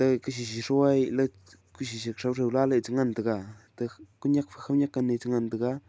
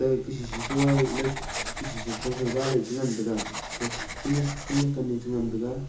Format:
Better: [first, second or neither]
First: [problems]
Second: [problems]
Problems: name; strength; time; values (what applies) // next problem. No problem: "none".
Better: first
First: none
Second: background sound (Writing); 8 dB below the speech // room echo; dies away in 0.7 s